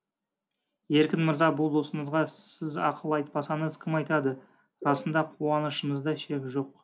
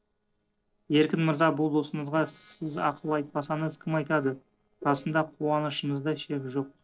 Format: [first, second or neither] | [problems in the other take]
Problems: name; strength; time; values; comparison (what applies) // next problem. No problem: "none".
first | noise reduction (neural separator model SepFormer DNS4)